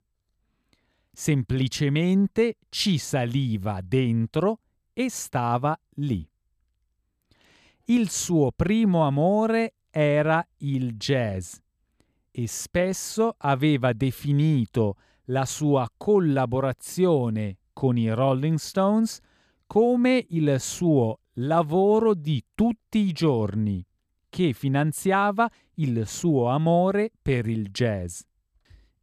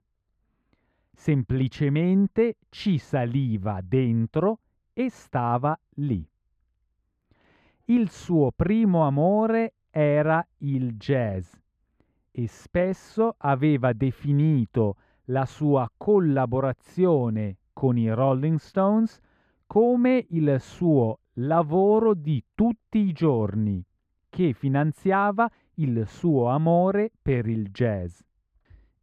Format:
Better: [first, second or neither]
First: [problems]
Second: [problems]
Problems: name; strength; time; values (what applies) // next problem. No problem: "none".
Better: first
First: none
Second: muffled; very; fading above 3.5 kHz